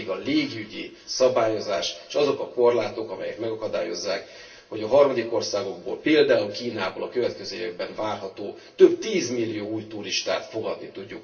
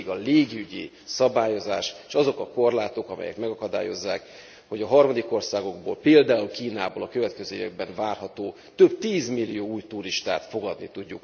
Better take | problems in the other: second | room echo; dies away in 0.2 s

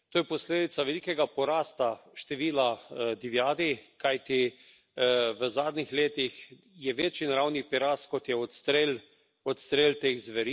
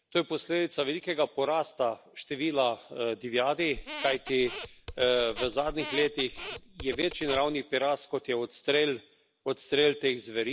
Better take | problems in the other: first | background sound (Squeak); 11 dB below the speech

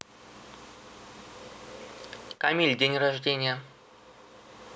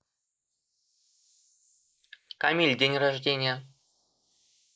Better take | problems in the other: first | noise reduction (neural mask model Resemble Enhance denoiser)

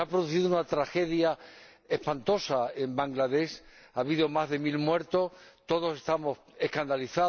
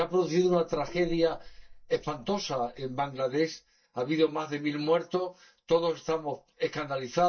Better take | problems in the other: first | noise reduction (neural mask model DeepFilterNet 3)

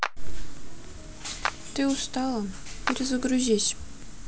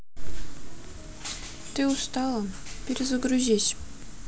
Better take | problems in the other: second | background sound (Clapping); 12 dB below the speech

